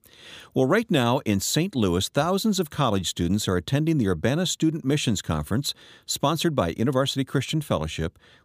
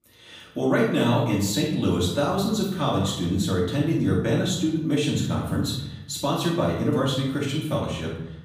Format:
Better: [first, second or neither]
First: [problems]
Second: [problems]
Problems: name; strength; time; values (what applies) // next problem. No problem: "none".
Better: first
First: none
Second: off-mic speech; far // room echo; noticeable; dies away in 0.8 s